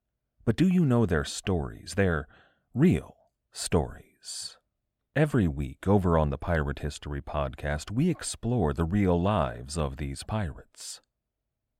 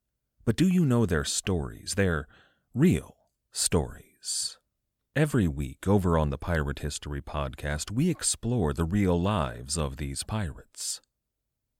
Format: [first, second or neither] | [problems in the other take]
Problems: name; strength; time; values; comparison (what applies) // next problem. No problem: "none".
second | muffled; slightly; fading above 4 kHz